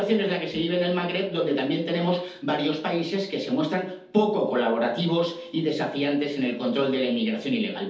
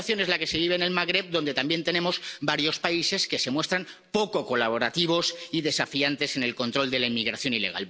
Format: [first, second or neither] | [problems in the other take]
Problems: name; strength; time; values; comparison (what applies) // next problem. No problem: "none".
second | room echo; dies away in 0.6 s